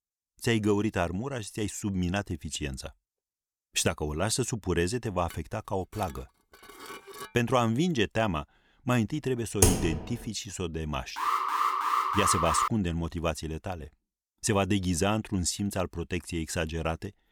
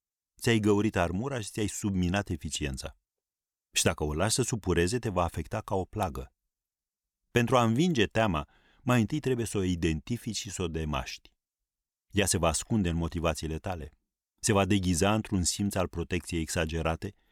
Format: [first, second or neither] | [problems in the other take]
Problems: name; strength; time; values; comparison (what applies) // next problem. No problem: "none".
second | clattering dishes; faint; from 5.5 to 7.5 s; peak 10 dB below the speech // keyboard typing; loud; at 9.5 s; peak 6 dB above the speech // alarm; loud; from 11 to 13 s; peak 4 dB above the speech